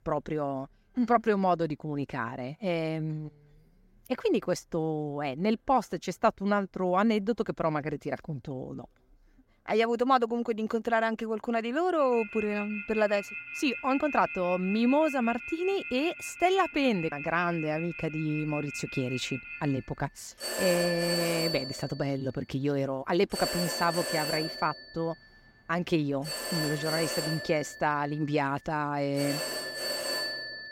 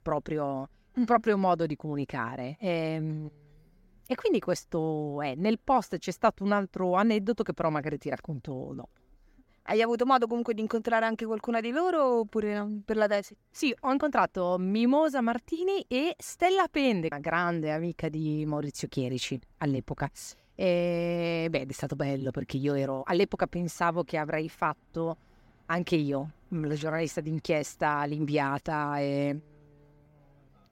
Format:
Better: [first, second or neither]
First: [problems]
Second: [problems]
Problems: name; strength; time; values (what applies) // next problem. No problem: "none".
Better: second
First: alarms or sirens; loud; from 12 s on; 5 dB below the speech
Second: none